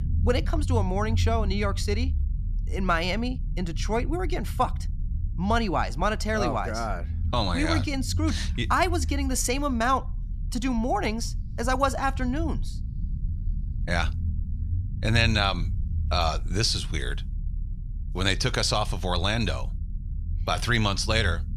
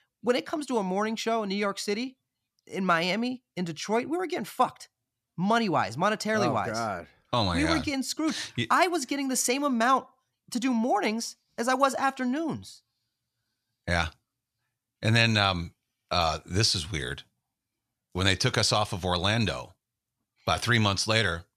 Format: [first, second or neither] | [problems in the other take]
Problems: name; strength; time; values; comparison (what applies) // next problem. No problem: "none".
second | low rumble; faint; throughout; 20 dB below the speech